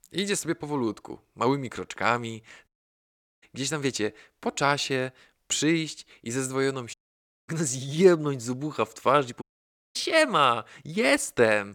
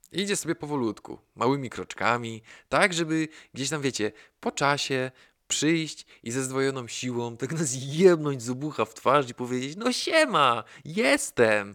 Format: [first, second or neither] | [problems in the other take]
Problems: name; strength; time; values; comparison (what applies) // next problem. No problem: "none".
second | audio cutting out; at 2.5 s for 0.5 s, at 7 s for 0.5 s and at 9.5 s for 0.5 s